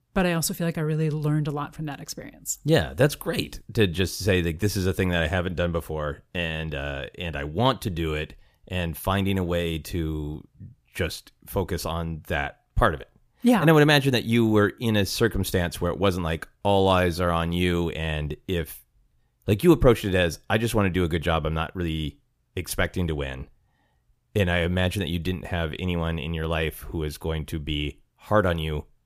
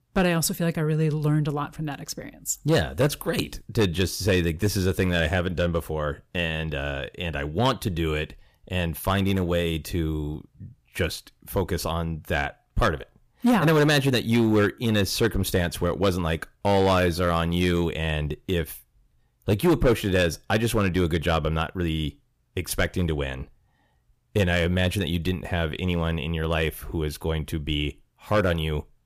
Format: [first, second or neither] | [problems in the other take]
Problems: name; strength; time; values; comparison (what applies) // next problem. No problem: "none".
first | distortion; slight; 3% of the sound clipped